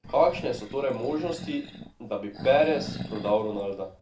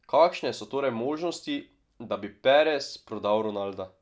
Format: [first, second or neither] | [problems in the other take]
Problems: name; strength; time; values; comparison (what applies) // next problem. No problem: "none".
second | background sound (Animal); 13 dB below the speech // room echo; dies away in 0.3 s